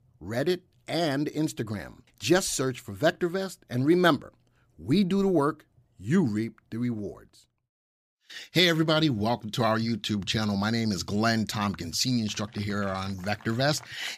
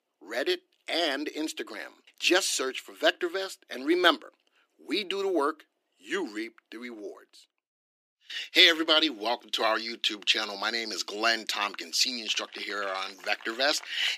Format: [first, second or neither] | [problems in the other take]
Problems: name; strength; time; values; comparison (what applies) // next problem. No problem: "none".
first | thin; very; fading below 300 Hz